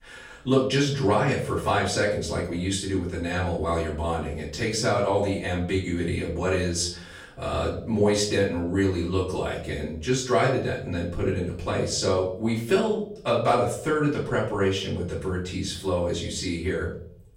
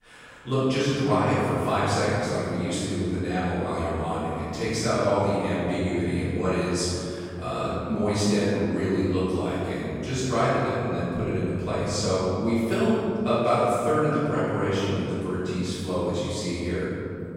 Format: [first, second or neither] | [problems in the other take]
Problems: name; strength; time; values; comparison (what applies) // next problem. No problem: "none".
first | room echo; strong; dies away in 3 s; slight in the first // off-mic speech; far; far in the first